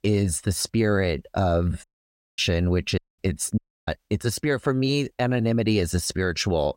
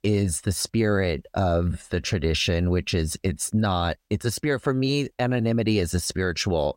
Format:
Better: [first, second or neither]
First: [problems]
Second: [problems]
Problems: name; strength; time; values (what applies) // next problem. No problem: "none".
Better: second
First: audio cutting out; at 2 s for 0.5 s, at 3 s and at 3.5 s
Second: none